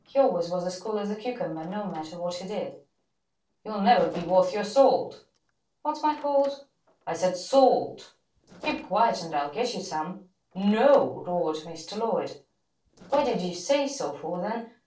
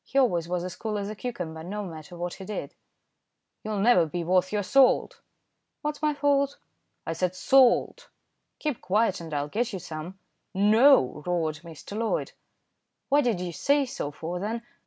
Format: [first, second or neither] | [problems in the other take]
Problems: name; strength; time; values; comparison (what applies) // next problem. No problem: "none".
second | noise reduction (neural separator model SepFormer DNS4)